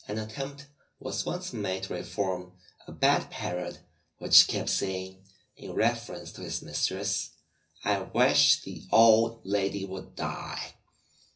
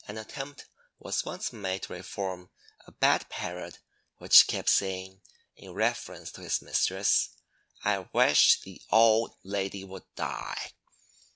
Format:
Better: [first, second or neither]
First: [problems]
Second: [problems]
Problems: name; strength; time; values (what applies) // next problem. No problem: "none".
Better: second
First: room echo; dies away in 0.4 s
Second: none